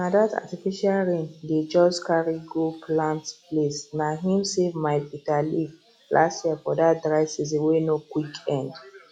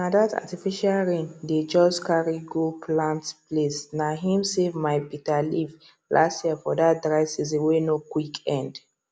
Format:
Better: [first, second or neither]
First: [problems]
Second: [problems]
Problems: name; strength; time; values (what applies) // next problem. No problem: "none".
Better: second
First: noise reduction (classical method log-MMSE)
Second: none